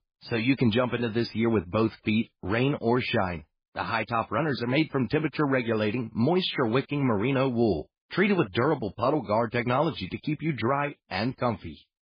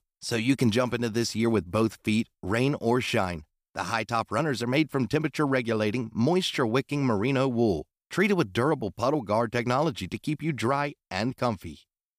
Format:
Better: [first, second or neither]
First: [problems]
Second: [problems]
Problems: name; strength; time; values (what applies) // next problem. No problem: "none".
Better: second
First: garbled, watery; badly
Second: none